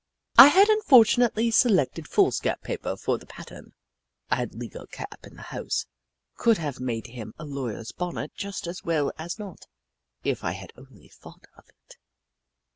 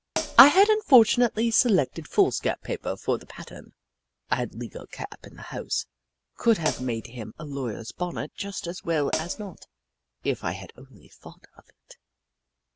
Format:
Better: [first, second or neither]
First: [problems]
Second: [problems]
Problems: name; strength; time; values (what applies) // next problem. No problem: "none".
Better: first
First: none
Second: background sound (Hi-hat); 7 dB below the speech